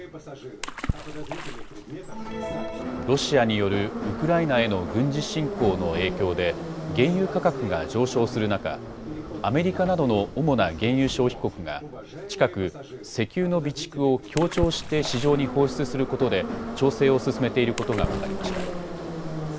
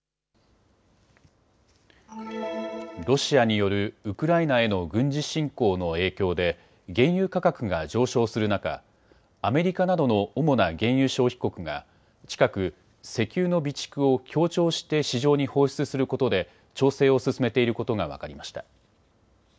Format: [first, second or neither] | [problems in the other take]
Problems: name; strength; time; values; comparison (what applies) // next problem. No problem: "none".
second | background sound (Water / Splash, splatter + Subway, metro, underground); 7 dB below the speech